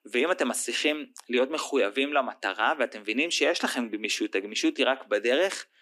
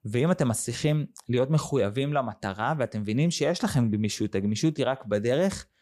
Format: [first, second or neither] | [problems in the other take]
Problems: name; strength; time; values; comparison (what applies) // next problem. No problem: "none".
second | thin; somewhat; fading below 250 Hz